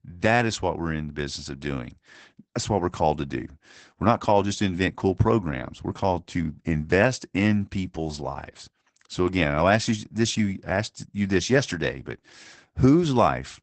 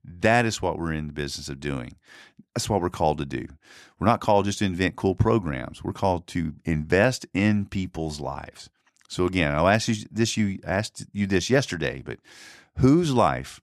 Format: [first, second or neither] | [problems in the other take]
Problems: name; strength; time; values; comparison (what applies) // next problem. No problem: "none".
second | garbled, watery; badly; nothing above 8 kHz